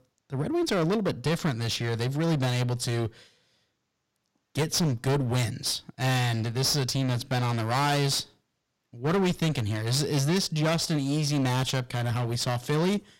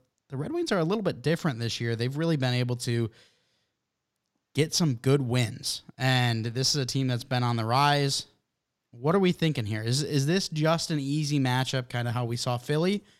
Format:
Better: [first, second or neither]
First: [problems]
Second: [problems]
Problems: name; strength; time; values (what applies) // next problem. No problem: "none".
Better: second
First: distortion; heavy; 17% of the sound clipped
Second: none